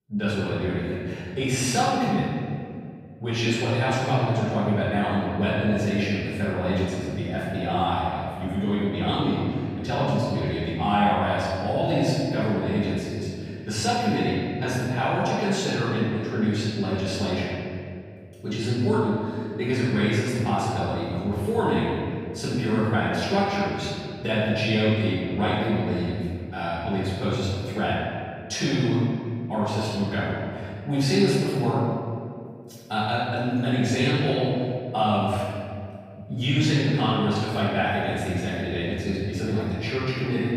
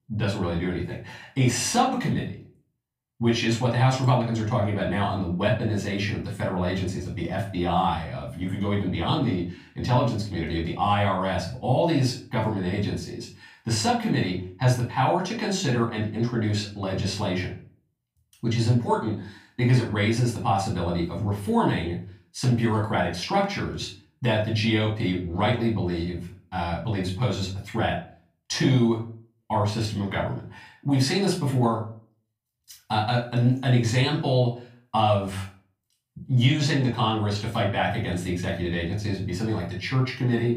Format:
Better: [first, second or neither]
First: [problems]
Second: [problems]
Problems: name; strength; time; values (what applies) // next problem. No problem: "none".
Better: second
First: room echo; strong; dies away in 2.1 s // off-mic speech; far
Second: room echo; slight; dies away in 0.3 s // off-mic speech; far